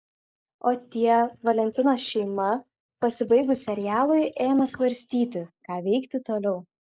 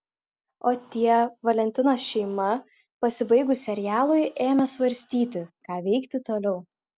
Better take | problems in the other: second | noise reduction (neural mask model Resemble Enhance denoiser)

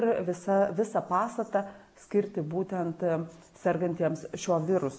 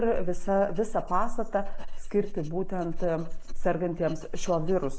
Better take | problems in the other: first | noise reduction (neural mask model Resemble Enhance denoiser)

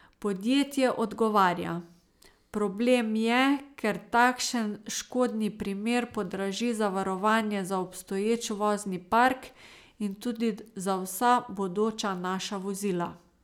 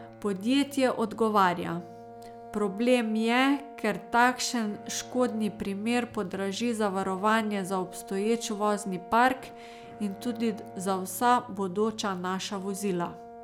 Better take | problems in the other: first | background sound (Brass instrument + Bowed string instrument); 18 dB below the speech

